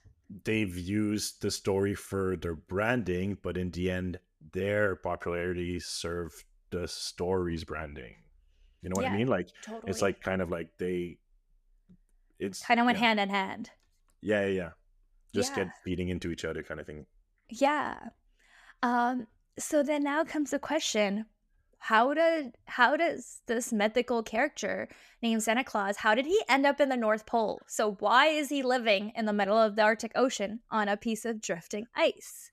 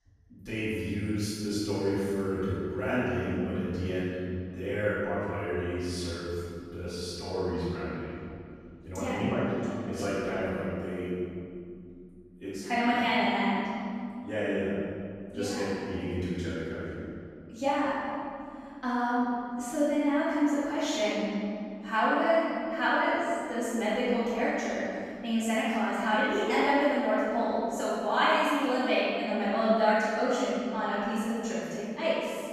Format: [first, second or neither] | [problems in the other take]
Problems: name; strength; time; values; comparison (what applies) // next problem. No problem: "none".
first | off-mic speech; far // room echo; strong; dies away in 2.5 s